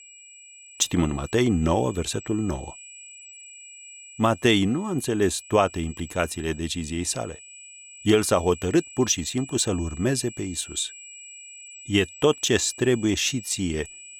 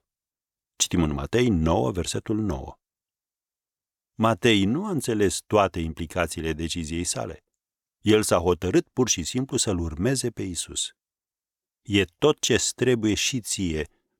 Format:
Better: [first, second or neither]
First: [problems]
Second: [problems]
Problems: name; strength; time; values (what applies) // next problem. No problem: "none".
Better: second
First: high-pitched whine; noticeable; throughout; 8 kHz, 15 dB below the speech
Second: none